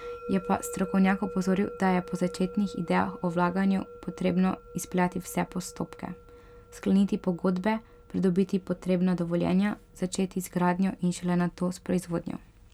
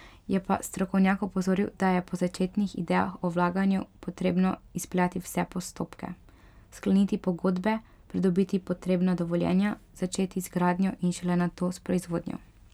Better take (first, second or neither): second